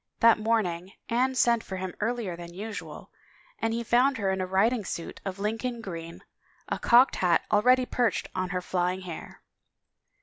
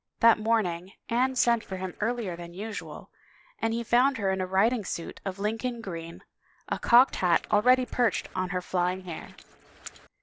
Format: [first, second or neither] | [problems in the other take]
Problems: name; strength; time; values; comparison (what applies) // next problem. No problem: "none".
first | noise reduction (neural separator model SepFormer DNS4)